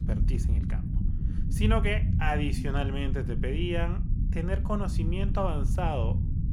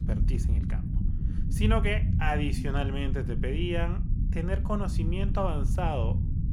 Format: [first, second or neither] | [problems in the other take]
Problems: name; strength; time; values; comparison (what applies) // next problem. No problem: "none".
neither | low rumble; loud; throughout; 10 dB below the speech; the same in both